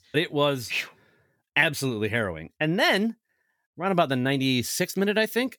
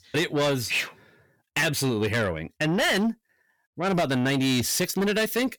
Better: first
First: none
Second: distortion; heavy; 7 dB below the speech

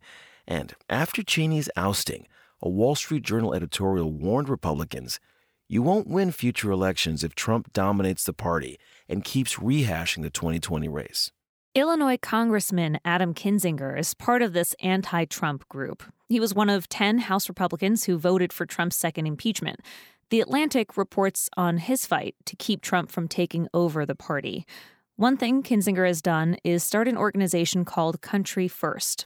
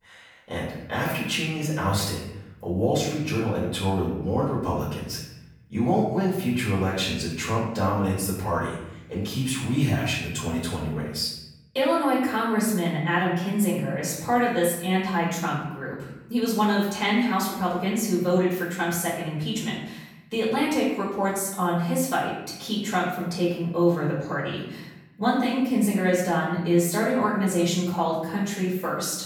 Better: first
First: none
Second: off-mic speech; far // room echo; noticeable; dies away in 0.9 s

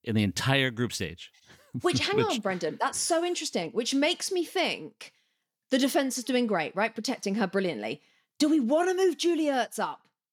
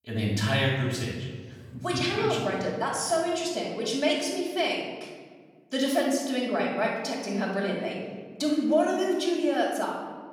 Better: first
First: none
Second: off-mic speech; far // room echo; noticeable; dies away in 1.3 s

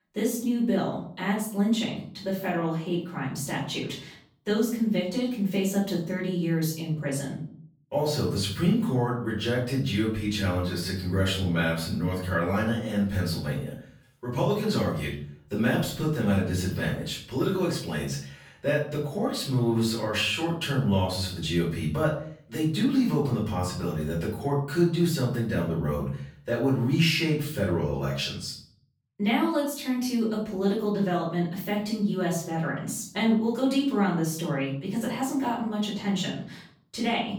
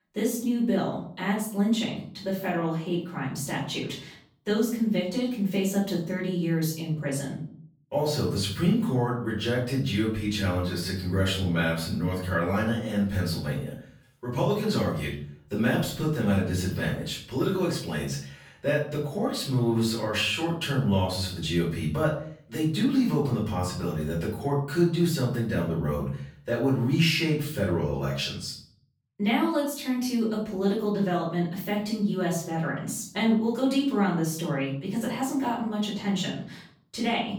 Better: neither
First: room echo; noticeable; dies away in 0.5 s // off-mic speech; far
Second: room echo; noticeable; dies away in 0.5 s // off-mic speech; far

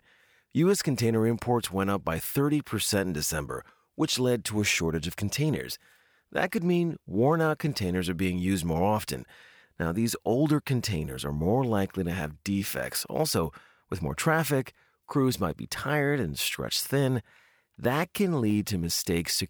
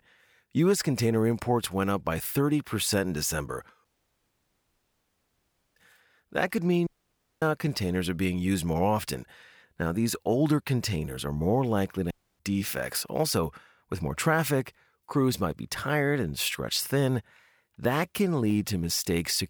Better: first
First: none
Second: audio cutting out; at 4 s for 2 s, at 7 s for 0.5 s and at 12 s

